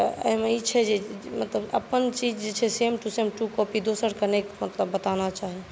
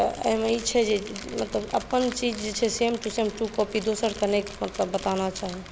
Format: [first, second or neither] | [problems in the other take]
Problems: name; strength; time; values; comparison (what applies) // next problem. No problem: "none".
first | background sound (Crumpling, crinkling); 15 dB below the speech